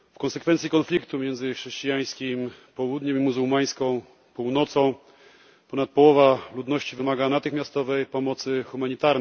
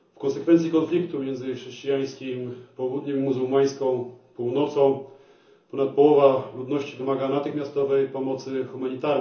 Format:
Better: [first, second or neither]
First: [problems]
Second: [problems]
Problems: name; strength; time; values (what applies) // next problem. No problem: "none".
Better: first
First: none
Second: room echo; dies away in 0.8 s